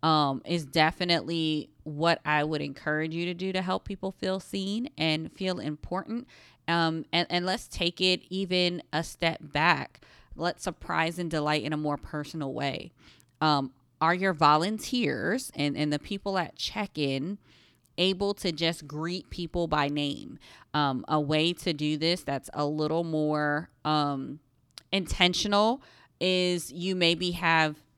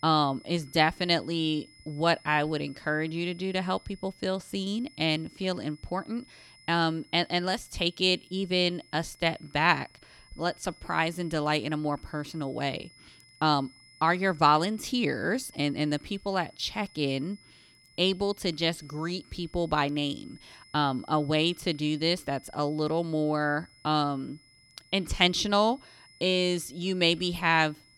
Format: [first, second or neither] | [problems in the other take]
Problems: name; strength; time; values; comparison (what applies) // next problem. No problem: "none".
first | high-pitched whine; faint; throughout; 2 kHz, 25 dB below the speech